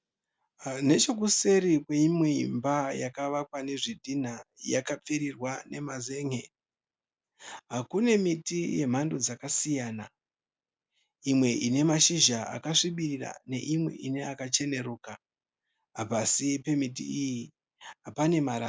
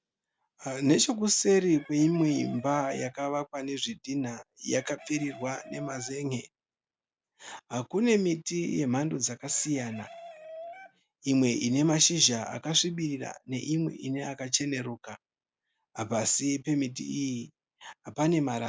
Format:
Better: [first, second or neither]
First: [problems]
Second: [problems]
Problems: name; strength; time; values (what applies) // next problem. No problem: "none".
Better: first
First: none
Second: background sound (Chicken, rooster); 19 dB below the speech